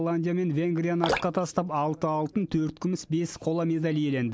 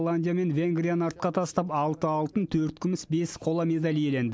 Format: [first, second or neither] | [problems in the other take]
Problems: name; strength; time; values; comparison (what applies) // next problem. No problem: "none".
second | background sound (Drip); 9 dB below the speech